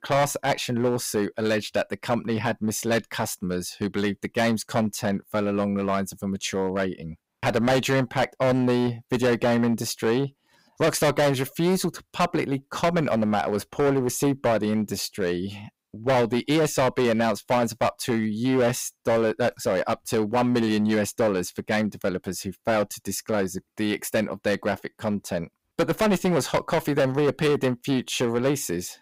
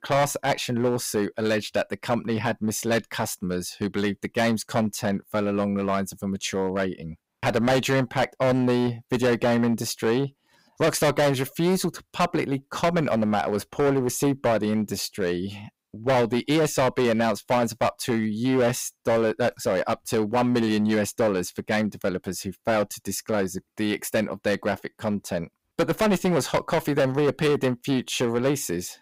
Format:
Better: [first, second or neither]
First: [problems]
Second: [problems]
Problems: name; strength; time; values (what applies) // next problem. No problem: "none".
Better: neither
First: distortion; heavy; 9% of the sound clipped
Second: distortion; heavy; 9% of the sound clipped